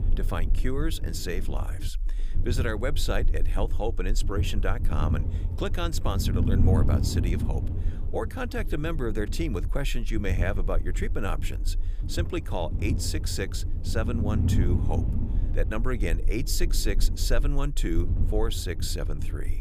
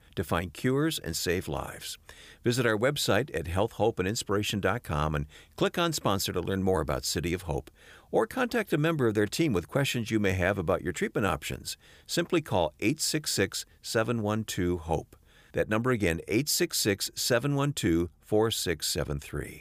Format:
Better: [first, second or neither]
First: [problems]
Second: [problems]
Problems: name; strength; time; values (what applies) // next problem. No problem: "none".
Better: second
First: low rumble; loud; throughout; 9 dB below the speech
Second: none